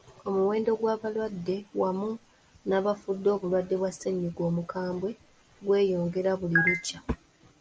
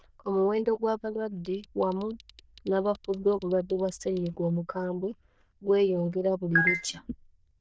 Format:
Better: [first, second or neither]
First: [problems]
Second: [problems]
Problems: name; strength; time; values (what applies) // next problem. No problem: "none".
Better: first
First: none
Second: noise reduction (neural diffusion model UNIVERSE++)